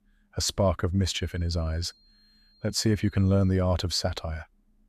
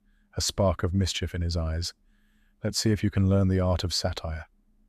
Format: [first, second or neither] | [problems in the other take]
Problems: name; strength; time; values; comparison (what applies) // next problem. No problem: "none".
second | high-pitched whine; faint; from 1 to 3.5 s; 4 kHz, 30 dB below the speech